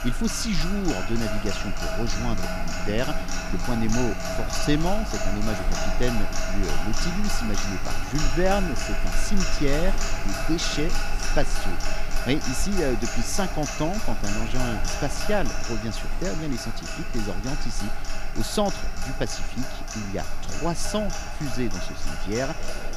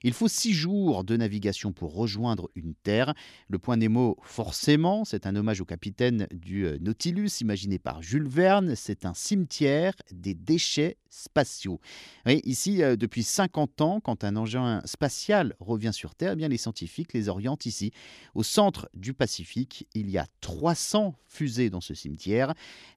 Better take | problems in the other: second | household noises; loud; throughout; 1 dB below the speech

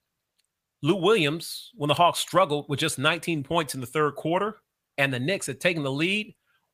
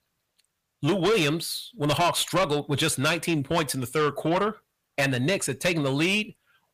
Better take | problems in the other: first | distortion; heavy; 7 dB below the speech

